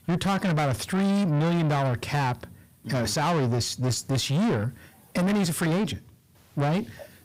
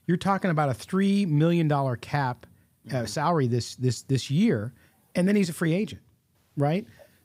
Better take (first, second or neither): second